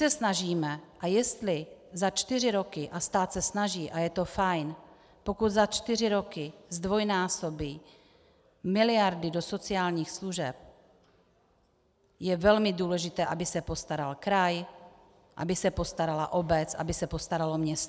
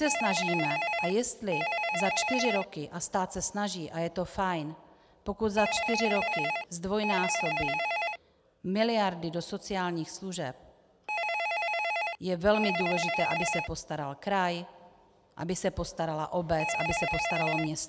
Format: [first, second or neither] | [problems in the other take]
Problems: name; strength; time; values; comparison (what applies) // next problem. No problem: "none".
first | background sound (Telephone); 2 dB below the speech